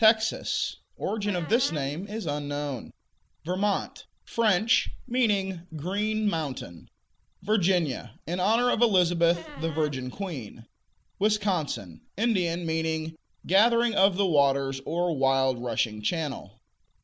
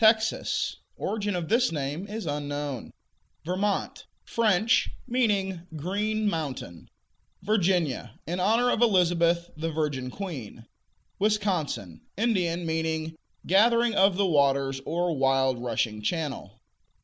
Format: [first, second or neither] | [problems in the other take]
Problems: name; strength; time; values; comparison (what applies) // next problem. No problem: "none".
second | background sound (Squeak); 17 dB below the speech